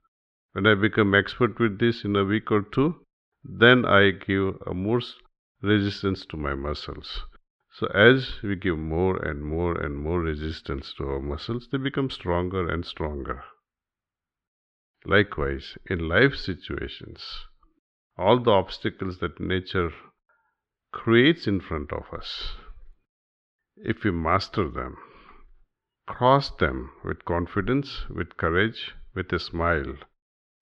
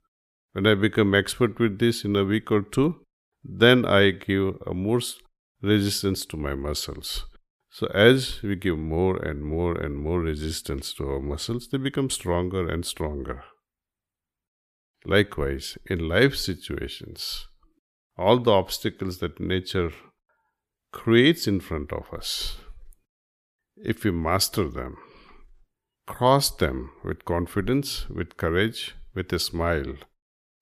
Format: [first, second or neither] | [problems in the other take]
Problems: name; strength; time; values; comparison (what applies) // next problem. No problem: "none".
second | muffled; slightly; fading above 4 kHz